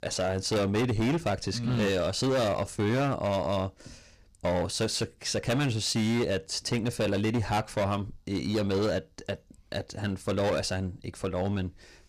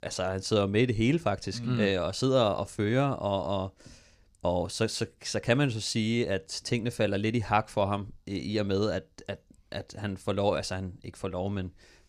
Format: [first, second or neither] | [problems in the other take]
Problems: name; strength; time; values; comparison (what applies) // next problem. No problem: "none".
second | distortion; heavy; 14% of the sound clipped